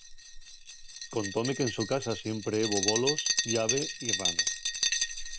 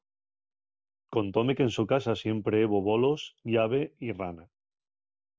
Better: second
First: background sound (Glass); as loud as the speech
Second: none

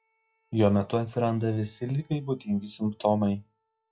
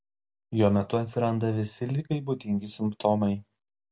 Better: second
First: noise reduction (classical method log-MMSE)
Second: none

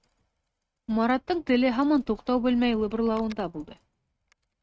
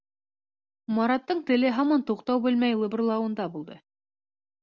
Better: second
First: noise reduction (neural mask model RNNoise)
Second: none

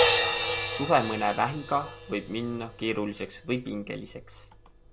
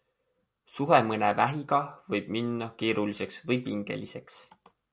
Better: second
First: background sound (Crash cymbal); 1 dB below the speech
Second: none

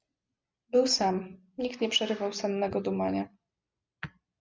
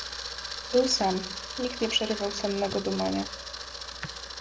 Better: first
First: none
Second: background sound (Camera); 8 dB below the speech

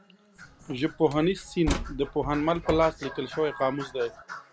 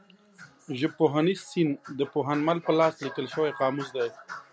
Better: second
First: background sound (Slam); 10 dB below the speech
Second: none

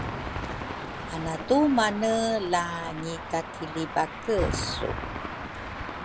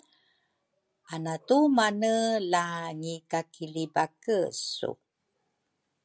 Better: second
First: background sound (Traffic noise, roadway noise + Cheering / Fireworks); 6 dB below the speech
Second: none

